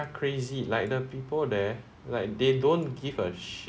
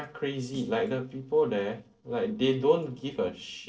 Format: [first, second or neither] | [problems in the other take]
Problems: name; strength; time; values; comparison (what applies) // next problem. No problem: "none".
first | noise reduction (neural separator model SepFormer DNS4)